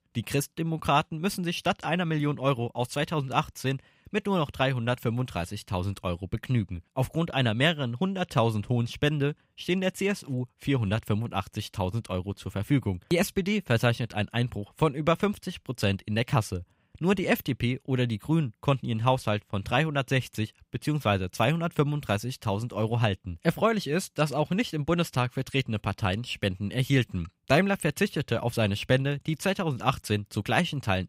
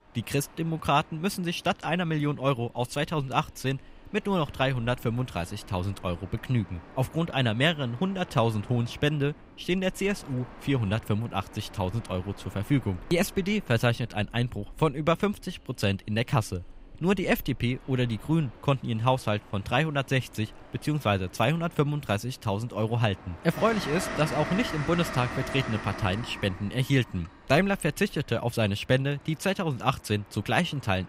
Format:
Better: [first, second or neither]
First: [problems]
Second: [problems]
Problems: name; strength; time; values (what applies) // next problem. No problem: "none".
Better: first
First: none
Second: train or aircraft noise; noticeable; throughout; 15 dB below the speech